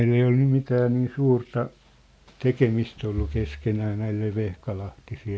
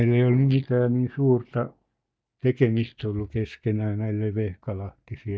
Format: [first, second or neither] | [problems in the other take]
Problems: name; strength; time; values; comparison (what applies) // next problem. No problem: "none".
first | noise reduction (neural mask model DeepFilterNet 3)